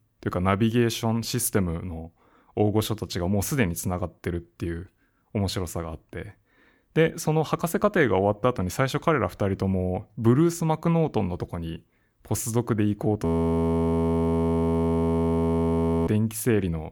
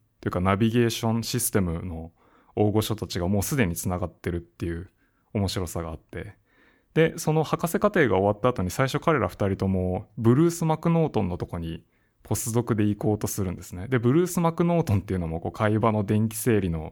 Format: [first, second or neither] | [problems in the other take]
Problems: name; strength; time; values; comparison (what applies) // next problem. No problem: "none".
second | audio freezing; at 13 s for 3 s